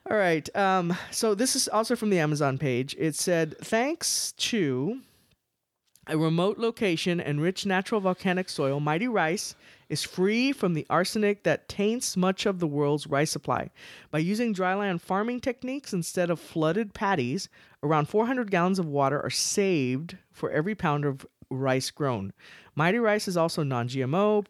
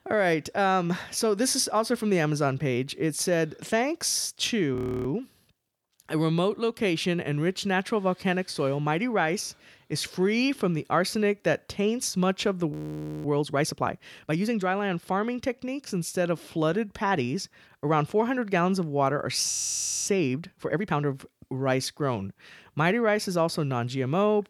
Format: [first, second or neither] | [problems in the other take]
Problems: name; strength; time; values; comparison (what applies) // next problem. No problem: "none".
first | audio freezing; at 5 s, at 13 s for 0.5 s and at 20 s for 0.5 s